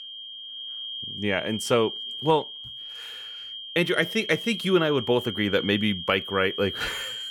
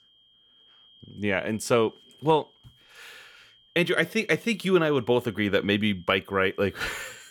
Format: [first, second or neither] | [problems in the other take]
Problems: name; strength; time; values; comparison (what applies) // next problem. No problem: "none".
second | high-pitched whine; loud; throughout; 3 kHz, 8 dB below the speech; faint in the second